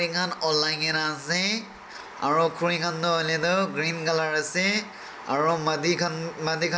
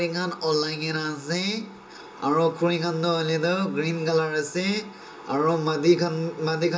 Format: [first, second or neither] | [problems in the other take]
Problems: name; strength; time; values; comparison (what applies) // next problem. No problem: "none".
first | room echo; dies away in 0.2 s